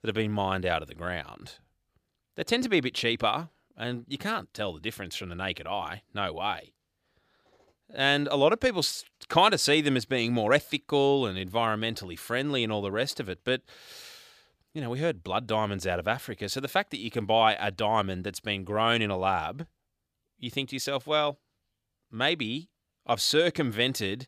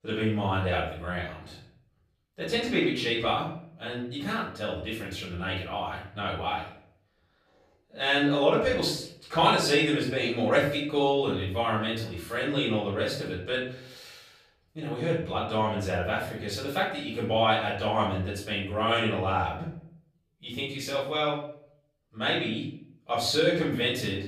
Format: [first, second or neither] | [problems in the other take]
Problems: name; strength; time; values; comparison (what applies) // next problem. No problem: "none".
first | off-mic speech; far // room echo; noticeable; dies away in 0.5 s